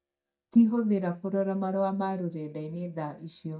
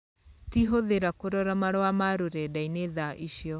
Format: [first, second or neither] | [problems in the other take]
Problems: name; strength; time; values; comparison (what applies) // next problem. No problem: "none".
second | noise reduction (neural mask model DeepFilterNet 3)